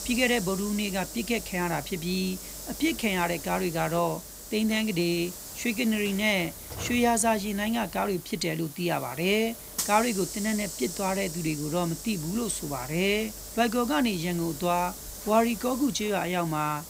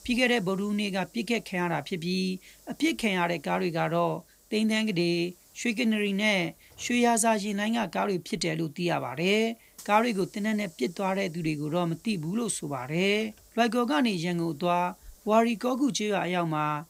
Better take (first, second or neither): second